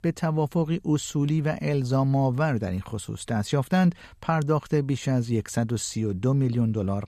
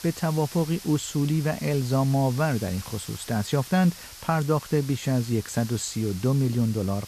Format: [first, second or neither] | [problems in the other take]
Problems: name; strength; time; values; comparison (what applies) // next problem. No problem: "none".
first | hiss; noticeable; throughout; 15 dB below the speech